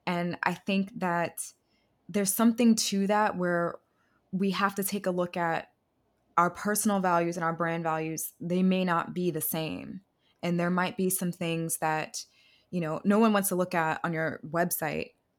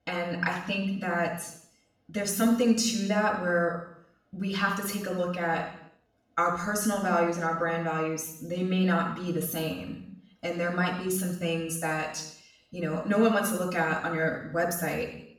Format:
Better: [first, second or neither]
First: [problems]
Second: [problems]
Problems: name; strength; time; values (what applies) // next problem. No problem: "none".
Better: first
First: none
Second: room echo; noticeable; dies away in 0.7 s // off-mic speech; far